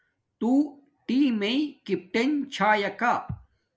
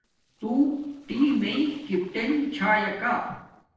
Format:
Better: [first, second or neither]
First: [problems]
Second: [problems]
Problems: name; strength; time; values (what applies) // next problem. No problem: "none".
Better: first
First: none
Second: noise reduction (neural separator model SepFormer DNS4)